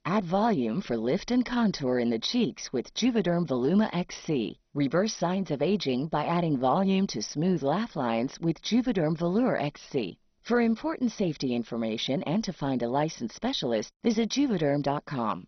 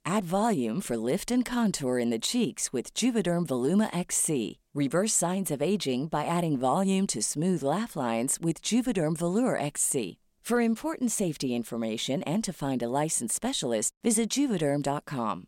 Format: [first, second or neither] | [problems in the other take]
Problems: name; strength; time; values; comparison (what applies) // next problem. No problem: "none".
second | garbled, watery; badly; nothing above 6 kHz